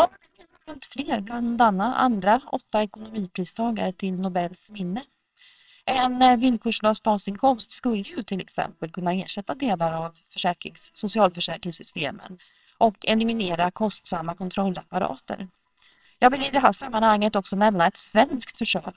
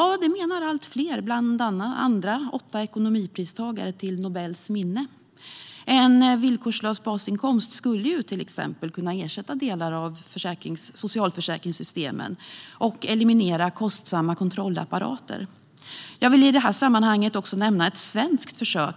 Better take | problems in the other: second | noise reduction (neural separator model SepFormer WHAMR!)

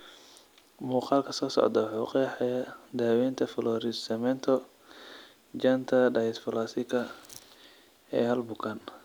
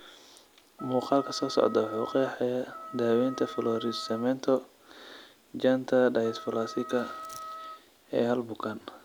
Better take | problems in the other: first | background sound (Wind instrument, woodwind instrument); 13 dB below the speech

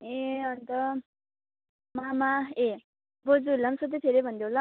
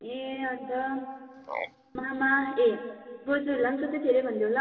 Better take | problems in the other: first | background sound (Frog); 14 dB below the speech // room echo; dies away in 2.3 s

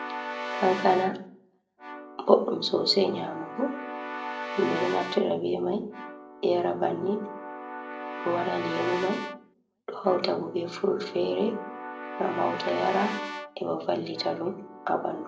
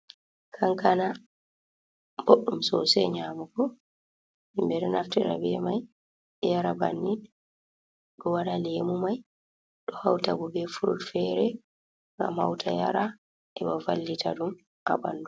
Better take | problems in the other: second | background sound (Keyboard (musical) / Brass instrument); 8 dB below the speech // room echo; dies away in 0.4 s

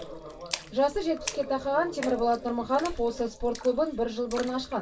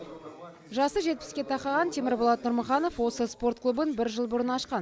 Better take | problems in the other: second | background sound (Splash, splatter); 15 dB below the speech // room echo; dies away in 0.1 s

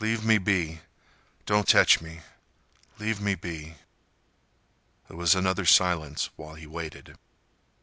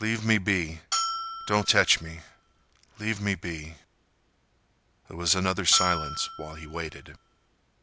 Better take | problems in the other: first | background sound (Bell); 4 dB below the speech

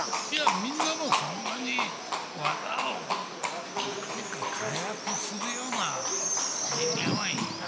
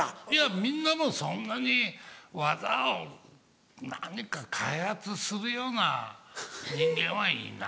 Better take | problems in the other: second | background sound (Livestock, farm animals, working animals); 4 dB above the speech

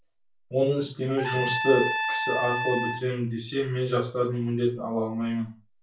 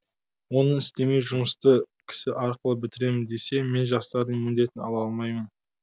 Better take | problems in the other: second | background sound (Trumpet); 2 dB below the speech // room echo; dies away in 0.3 s

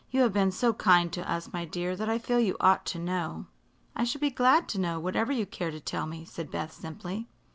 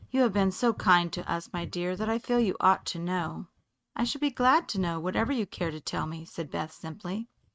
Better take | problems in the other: first | noise reduction (neural mask model RNNoise)

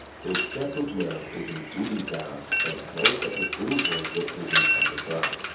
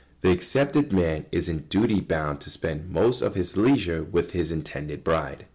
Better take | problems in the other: second | background sound (Mechanisms); 3 dB above the speech // room echo; dies away in 0.7 s

